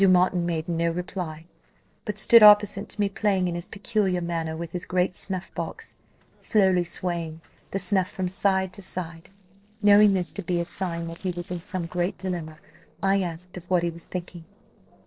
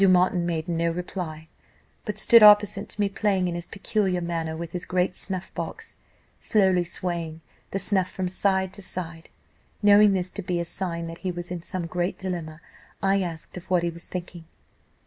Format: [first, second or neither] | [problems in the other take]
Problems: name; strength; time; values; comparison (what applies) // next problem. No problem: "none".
second | noise reduction (neural separator model SepFormer DNS4)